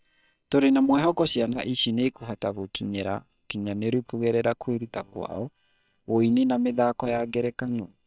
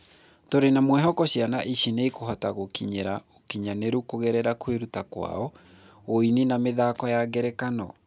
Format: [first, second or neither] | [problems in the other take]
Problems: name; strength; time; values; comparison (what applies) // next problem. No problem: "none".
second | noise reduction (neural separator model SepFormer WHAM!)